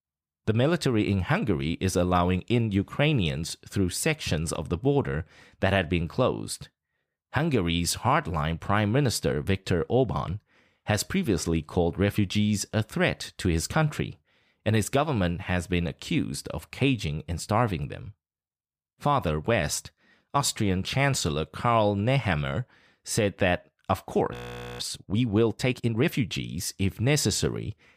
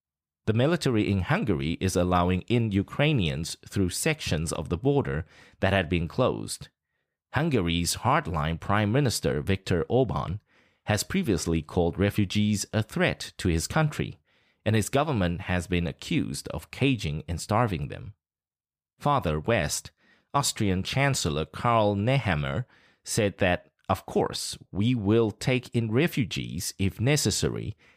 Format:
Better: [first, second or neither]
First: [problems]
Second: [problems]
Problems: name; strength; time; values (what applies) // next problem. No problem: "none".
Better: second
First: audio freezing; at 24 s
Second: none